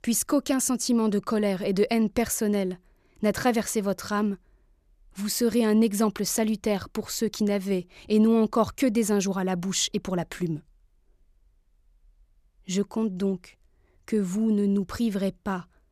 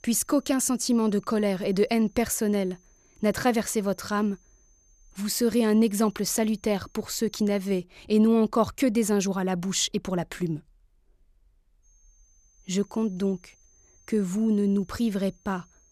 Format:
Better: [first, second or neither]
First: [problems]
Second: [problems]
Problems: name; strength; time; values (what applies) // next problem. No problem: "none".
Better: first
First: none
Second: high-pitched whine; faint; until 8 s and from 12 s on; 6.5 kHz, 35 dB below the speech